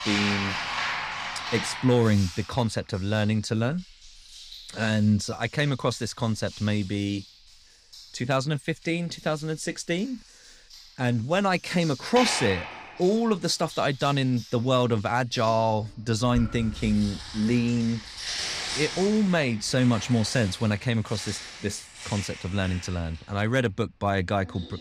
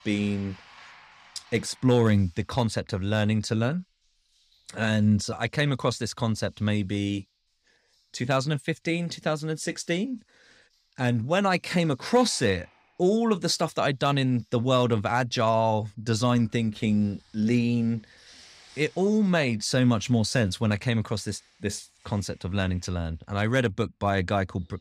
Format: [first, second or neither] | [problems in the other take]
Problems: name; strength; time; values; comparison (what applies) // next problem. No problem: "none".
second | household noises; loud; throughout; 8 dB below the speech; faint in the second